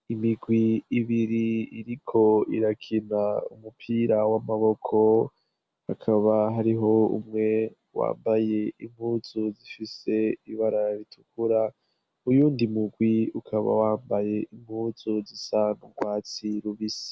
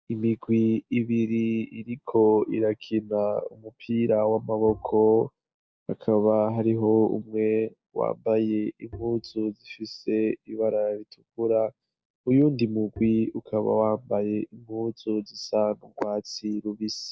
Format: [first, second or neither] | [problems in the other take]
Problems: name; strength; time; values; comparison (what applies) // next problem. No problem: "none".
first | noise reduction (neural mask model DeepFilterNet 3)